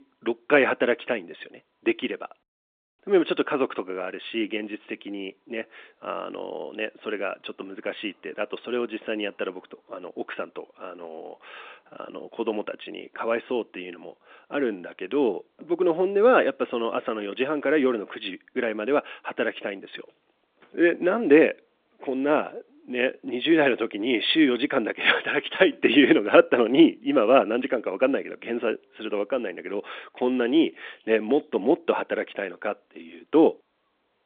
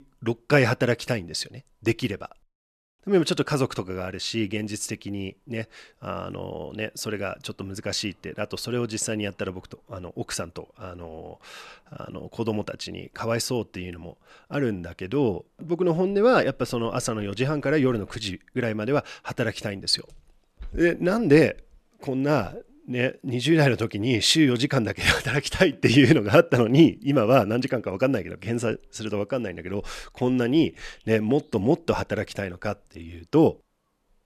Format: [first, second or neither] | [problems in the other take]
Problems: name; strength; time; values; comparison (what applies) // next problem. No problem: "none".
second | phone-call audio; nothing above 3.5 kHz